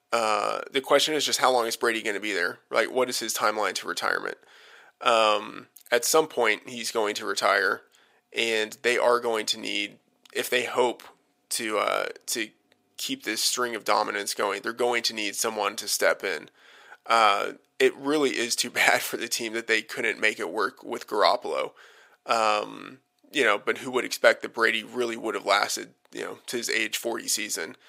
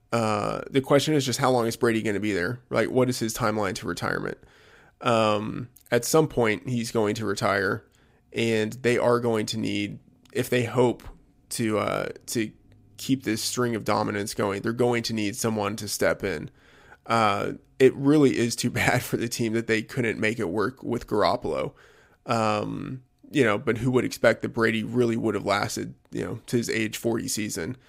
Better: second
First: thin; somewhat; fading below 550 Hz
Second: none

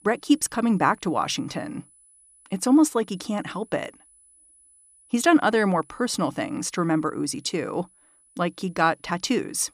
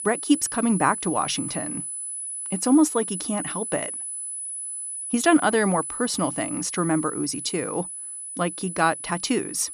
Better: first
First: high-pitched whine; faint; throughout; 10 kHz, 30 dB below the speech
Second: high-pitched whine; loud; throughout; 10 kHz, 6 dB below the speech

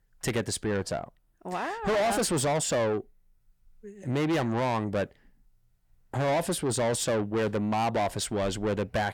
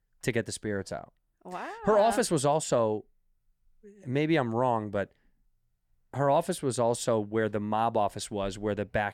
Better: second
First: distortion; heavy; 7 dB below the speech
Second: none

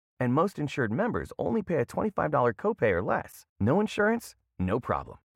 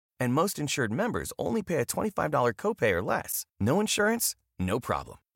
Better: second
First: muffled; very; fading above 3.5 kHz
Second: none

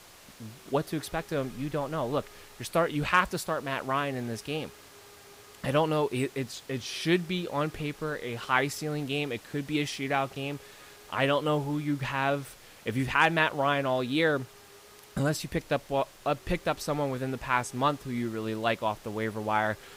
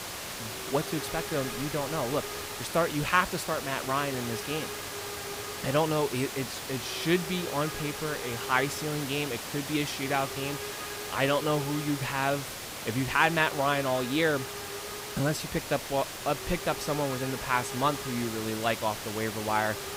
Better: first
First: hiss; faint; throughout; 20 dB below the speech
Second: hiss; loud; throughout; 6 dB below the speech

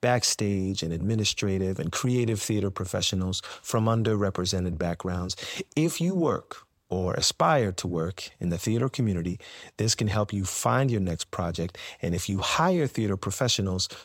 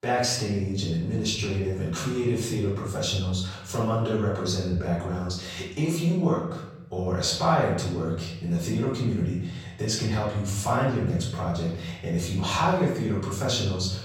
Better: first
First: none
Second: room echo; noticeable; dies away in 0.9 s // off-mic speech; far

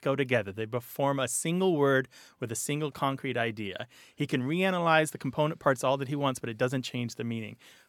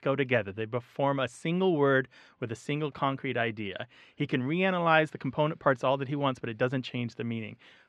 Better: first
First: none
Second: muffled; slightly; fading above 3 kHz

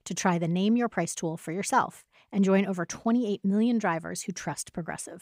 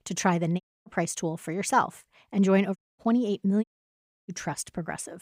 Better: first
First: none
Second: audio cutting out; at 0.5 s, at 3 s and at 3.5 s for 0.5 s

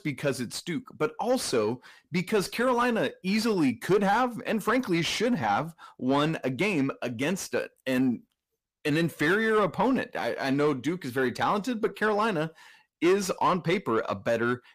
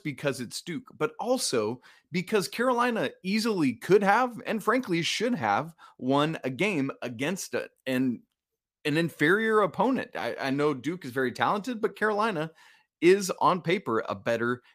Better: second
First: distortion; slight; 10 dB below the speech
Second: none

